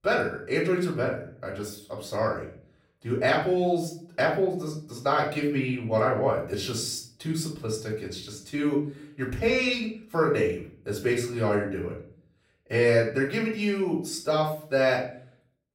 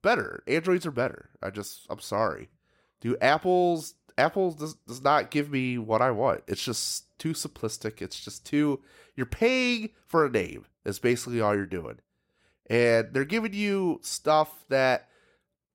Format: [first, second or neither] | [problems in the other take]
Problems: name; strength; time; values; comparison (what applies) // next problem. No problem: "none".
second | off-mic speech; far // room echo; slight; dies away in 0.5 s